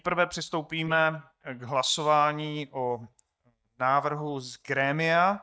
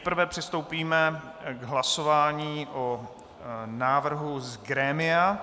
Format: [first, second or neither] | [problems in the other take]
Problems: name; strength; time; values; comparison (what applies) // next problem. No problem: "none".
second | noise reduction (neural mask model DeepFilterNet 3)